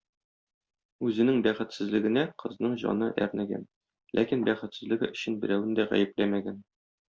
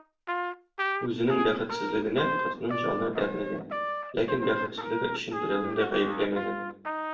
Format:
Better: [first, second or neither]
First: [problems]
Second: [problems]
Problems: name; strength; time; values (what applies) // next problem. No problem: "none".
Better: first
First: none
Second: background sound (Trumpet); 3 dB below the speech // room echo; dies away in 0.7 s